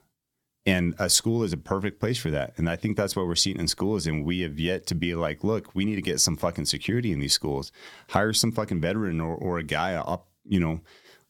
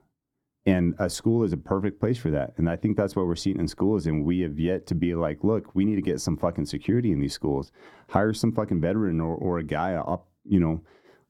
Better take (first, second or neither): first